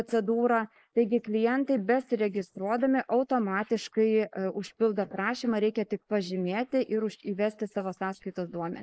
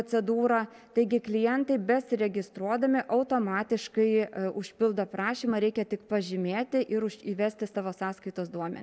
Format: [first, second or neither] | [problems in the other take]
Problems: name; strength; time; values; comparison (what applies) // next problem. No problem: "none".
second | noise reduction (neural mask model Resemble Enhance denoiser)